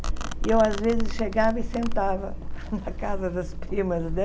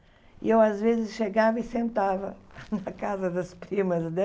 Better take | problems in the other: second | background sound (Domestic sounds, home sounds); 1 dB below the speech

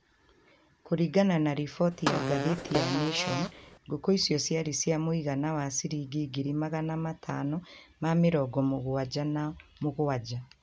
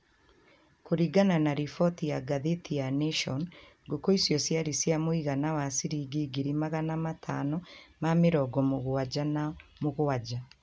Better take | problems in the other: second | background sound (Fart); 3 dB below the speech

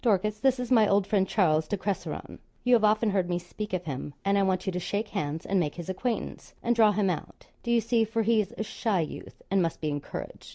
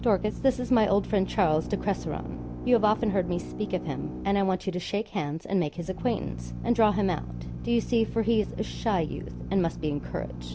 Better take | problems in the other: first | background sound (Drill); 9 dB below the speech

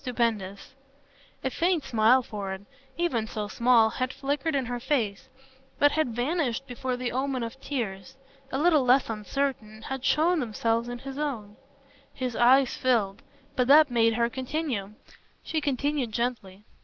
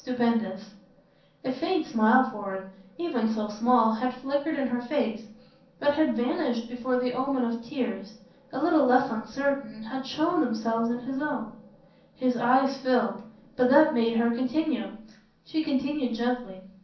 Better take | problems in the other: first | room echo; dies away in 0.6 s

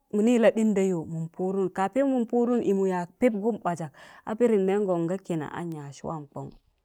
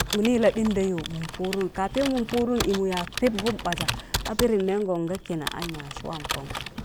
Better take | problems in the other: first | background sound (Computer keyboard); 7 dB below the speech

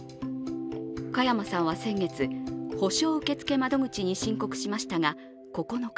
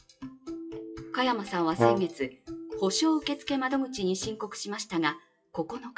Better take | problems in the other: first | noise reduction (classical method WPE with log-MMSE)

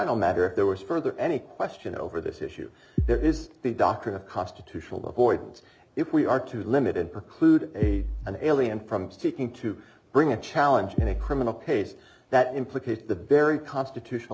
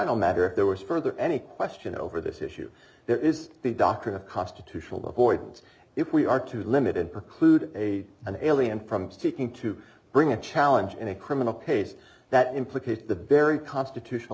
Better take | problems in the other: second | background sound (Bass drum); 1 dB below the speech

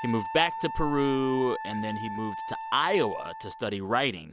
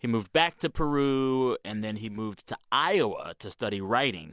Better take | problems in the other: second | background sound (Wind instrument, woodwind instrument); 9 dB below the speech

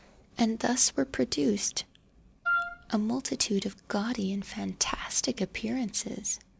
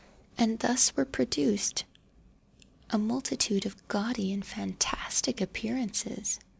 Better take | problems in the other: second | background sound (Wind instrument, woodwind instrument); 1 dB below the speech

